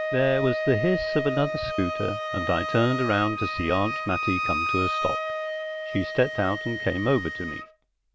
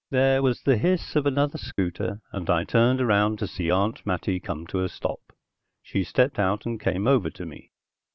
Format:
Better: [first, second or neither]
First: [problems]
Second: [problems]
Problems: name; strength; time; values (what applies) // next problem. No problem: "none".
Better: second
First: background sound (Wind instrument, woodwind instrument); 3 dB below the speech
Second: none